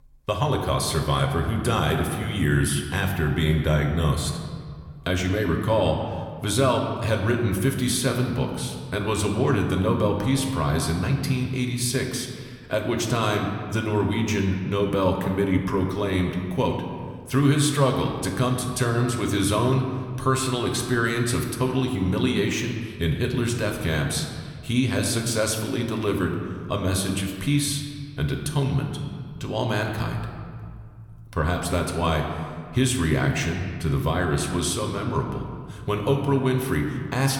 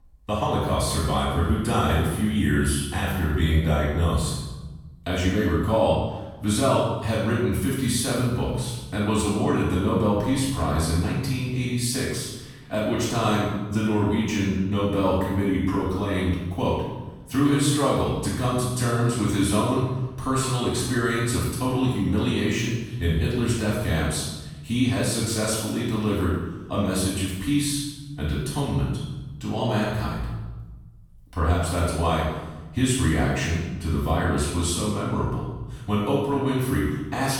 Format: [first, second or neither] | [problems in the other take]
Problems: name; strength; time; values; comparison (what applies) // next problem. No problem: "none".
first | room echo; strong; dies away in 1 s; slight in the first // off-mic speech; far